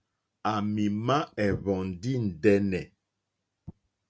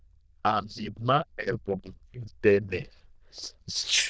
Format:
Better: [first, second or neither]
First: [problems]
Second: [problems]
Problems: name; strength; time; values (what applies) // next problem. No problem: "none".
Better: first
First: none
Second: noise reduction (neural diffusion model UNIVERSE++)